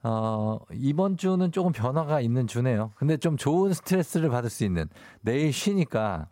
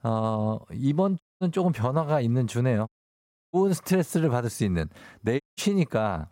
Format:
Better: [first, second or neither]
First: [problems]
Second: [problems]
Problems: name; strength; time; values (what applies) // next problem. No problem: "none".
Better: first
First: none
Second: audio cutting out; at 1 s, at 3 s for 0.5 s and at 5.5 s